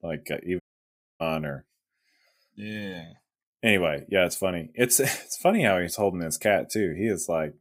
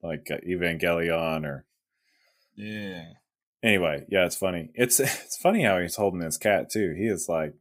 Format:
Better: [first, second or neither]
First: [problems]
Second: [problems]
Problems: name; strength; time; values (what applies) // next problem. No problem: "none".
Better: second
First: audio cutting out; at 0.5 s for 0.5 s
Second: none